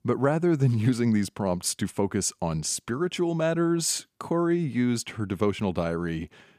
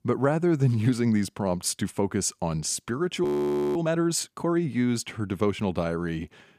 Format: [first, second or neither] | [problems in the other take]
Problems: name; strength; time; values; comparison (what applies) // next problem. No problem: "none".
first | audio freezing; at 3 s for 0.5 s